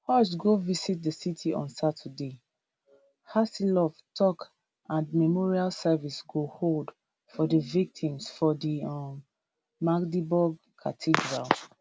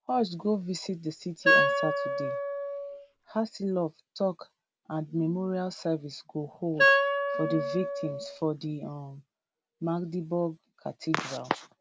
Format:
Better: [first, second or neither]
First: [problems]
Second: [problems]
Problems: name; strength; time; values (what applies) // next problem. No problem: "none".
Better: first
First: none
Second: background sound (Wind instrument, woodwind instrument); 5 dB above the speech